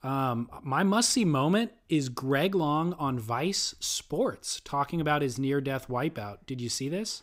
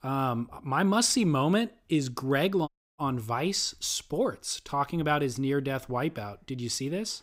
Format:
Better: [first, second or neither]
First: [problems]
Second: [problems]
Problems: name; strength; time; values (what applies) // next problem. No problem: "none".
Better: first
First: none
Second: audio cutting out; at 2.5 s